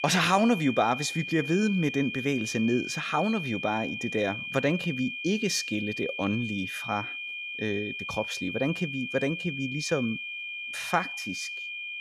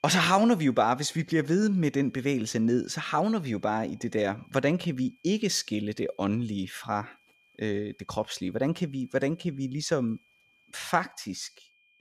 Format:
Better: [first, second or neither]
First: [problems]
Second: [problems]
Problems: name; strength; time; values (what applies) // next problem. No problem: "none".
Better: second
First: high-pitched whine; loud; throughout; 2.5 kHz, 5 dB below the speech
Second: high-pitched whine; faint; throughout; 2.5 kHz, 35 dB below the speech